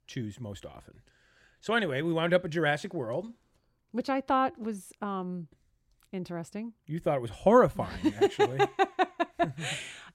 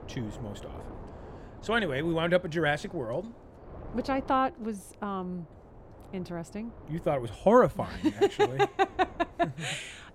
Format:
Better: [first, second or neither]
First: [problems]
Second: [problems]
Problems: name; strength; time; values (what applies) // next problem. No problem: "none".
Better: first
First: none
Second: wind noise on the microphone; occasional gusts; 20 dB below the speech